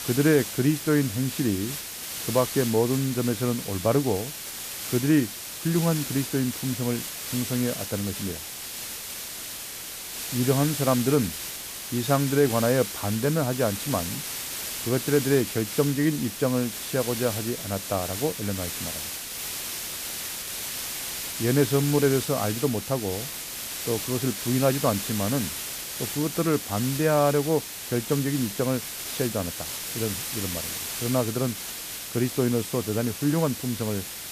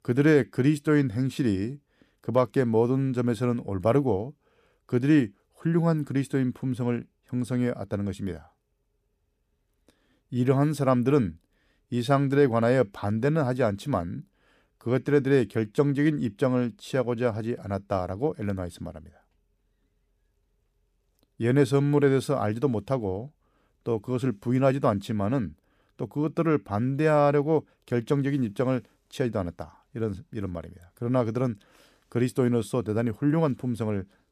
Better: second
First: hiss; loud; throughout; 5 dB below the speech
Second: none

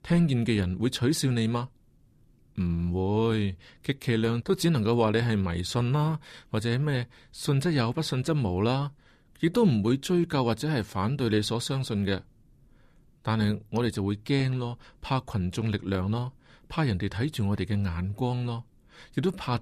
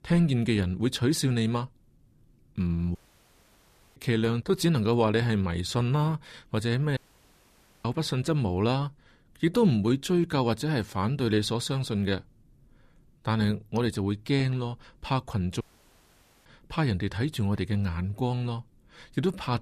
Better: first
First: none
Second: audio cutting out; at 3 s for 1 s, at 7 s for 1 s and at 16 s for 1 s

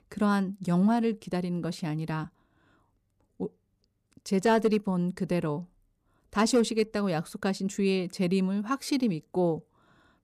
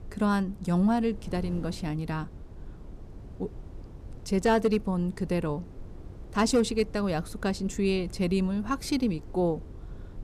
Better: first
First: none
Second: wind noise on the microphone; occasional gusts; 25 dB below the speech

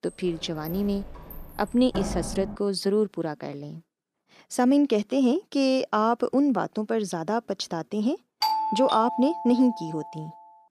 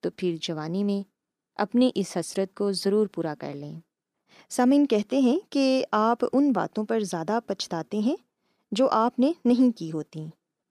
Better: second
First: door banging; noticeable; until 2.5 s; peak 6 dB below the speech // doorbell; loud; from 8.5 to 10 s; peak level with the speech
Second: none

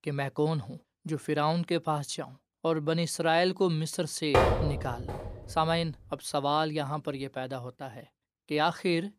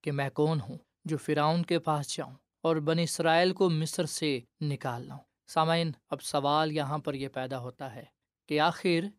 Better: second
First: door banging; loud; at 4.5 s; peak 6 dB above the speech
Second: none

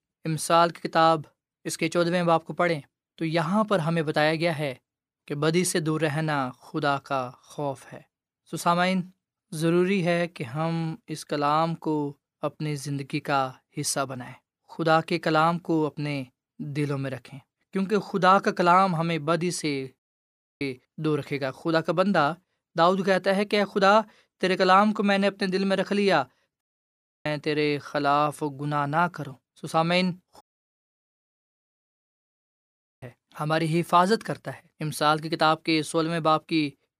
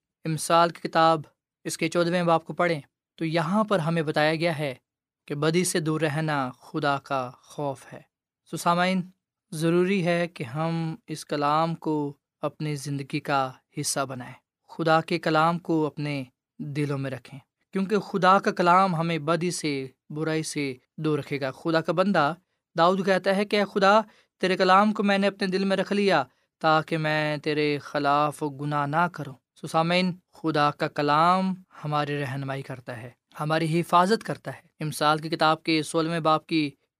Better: second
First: audio cutting out; at 20 s for 0.5 s, at 27 s for 0.5 s and at 30 s for 2.5 s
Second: none

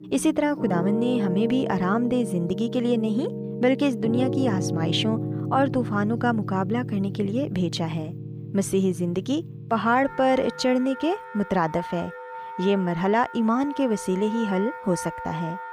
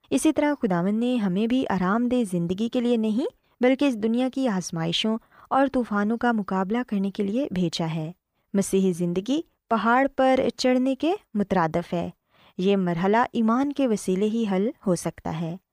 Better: second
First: background music; loud; throughout; 8 dB below the speech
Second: none

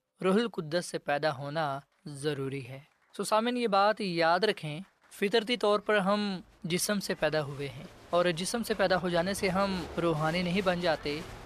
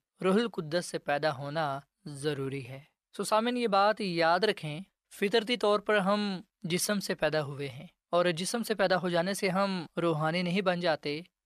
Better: second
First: crowd noise; noticeable; throughout; 15 dB below the speech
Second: none

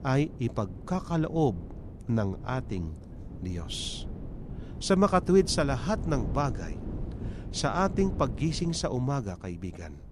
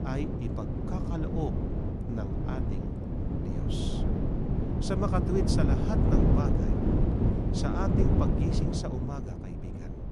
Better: first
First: wind noise on the microphone; occasional gusts; 15 dB below the speech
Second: wind noise on the microphone; heavy; 1 dB above the speech

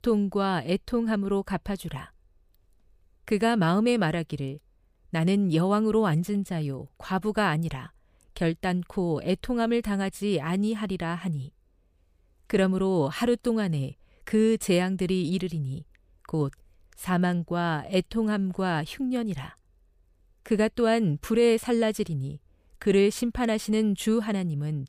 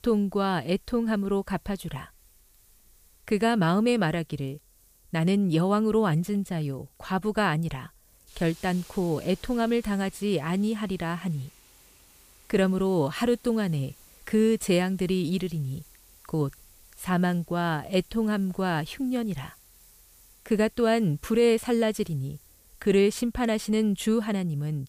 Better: first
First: none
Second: hiss; faint; throughout; 25 dB below the speech

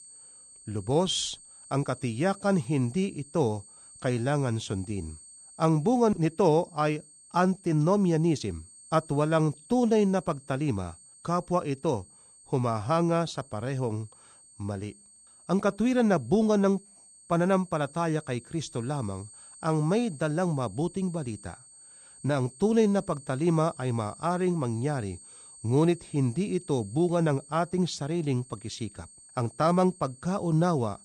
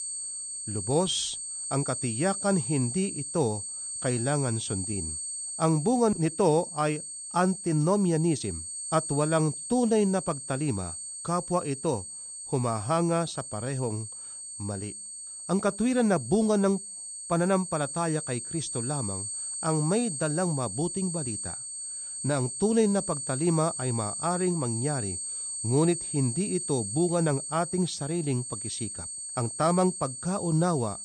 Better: first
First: high-pitched whine; faint; throughout; 8.5 kHz, 20 dB below the speech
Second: high-pitched whine; loud; throughout; 8.5 kHz, 5 dB below the speech

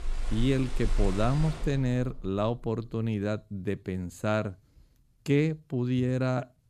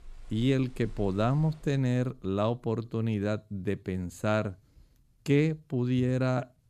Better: second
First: rain or running water; loud; until 1.5 s; 8 dB below the speech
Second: rain or running water; faint; until 1.5 s; 25 dB below the speech

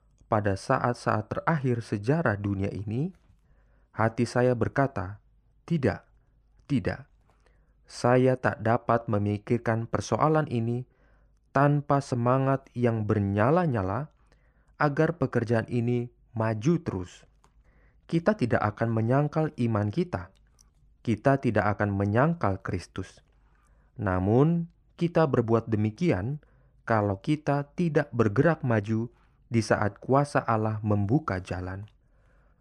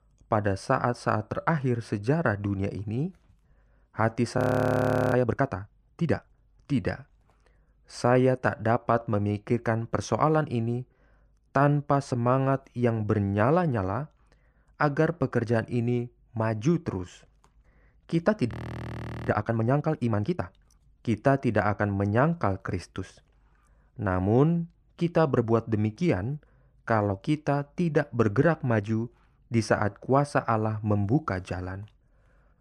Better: first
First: none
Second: audio freezing; at 4.5 s for 1 s and at 19 s for 1 s

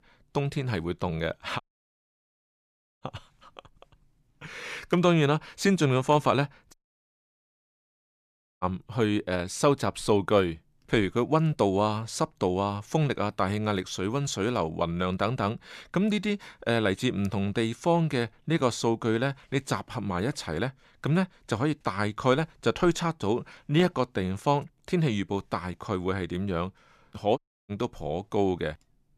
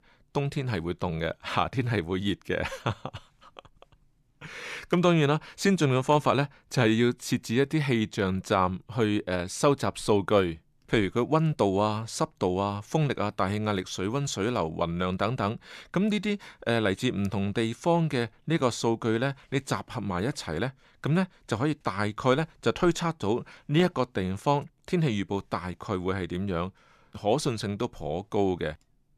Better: second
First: audio cutting out; at 1.5 s for 1.5 s, at 6.5 s for 2 s and at 27 s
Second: none

